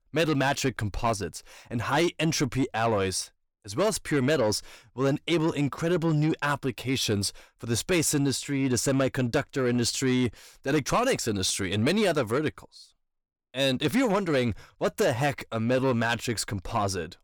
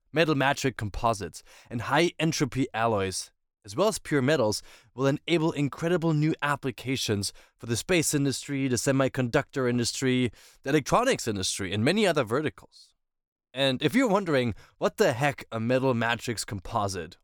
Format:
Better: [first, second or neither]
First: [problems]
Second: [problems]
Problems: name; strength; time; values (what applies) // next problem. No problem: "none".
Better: second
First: distortion; slight; 10 dB below the speech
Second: none